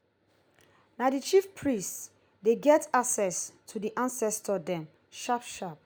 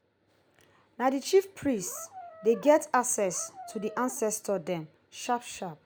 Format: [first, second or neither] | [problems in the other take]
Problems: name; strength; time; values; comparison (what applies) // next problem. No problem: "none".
first | background sound (Brass instrument); 18 dB below the speech